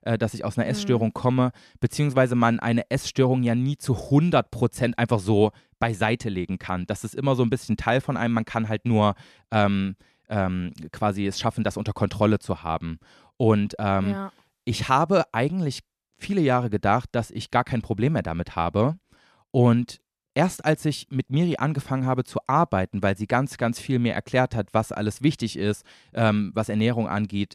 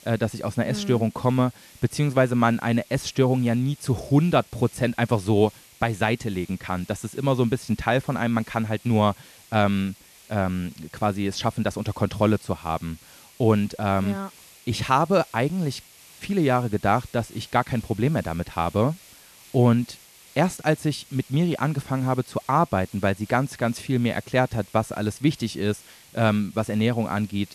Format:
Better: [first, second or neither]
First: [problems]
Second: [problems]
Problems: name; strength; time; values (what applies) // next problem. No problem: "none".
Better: first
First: none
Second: hiss; faint; throughout; 25 dB below the speech